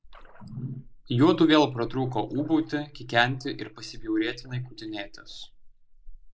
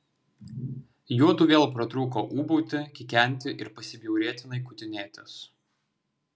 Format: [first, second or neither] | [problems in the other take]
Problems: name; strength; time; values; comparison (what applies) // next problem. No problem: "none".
second | noise reduction (neural mask model Resemble Enhance denoiser)